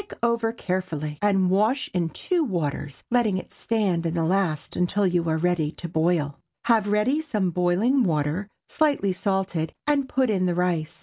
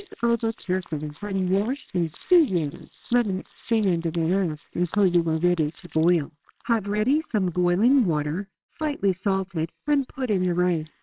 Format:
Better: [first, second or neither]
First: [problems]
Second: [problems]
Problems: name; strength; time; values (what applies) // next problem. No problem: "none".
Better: first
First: none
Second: noise reduction (neural separator model SepFormer WHAMR!)